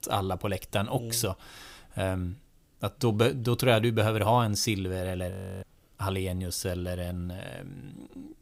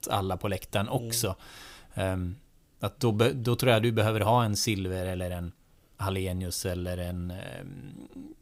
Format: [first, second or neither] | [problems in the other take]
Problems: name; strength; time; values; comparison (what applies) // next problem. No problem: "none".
second | audio freezing; at 5.5 s